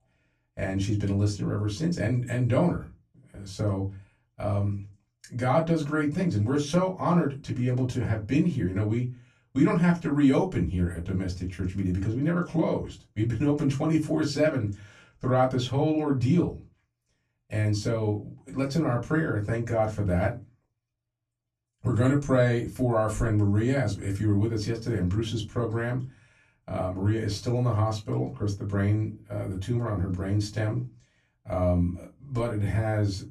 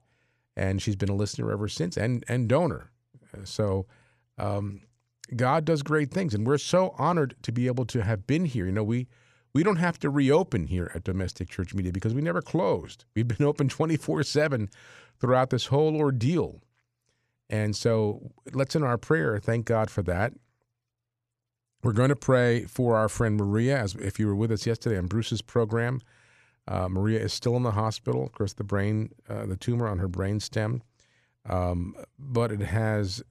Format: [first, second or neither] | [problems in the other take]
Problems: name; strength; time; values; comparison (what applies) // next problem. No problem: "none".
second | off-mic speech; far // room echo; very slight; dies away in 0.2 s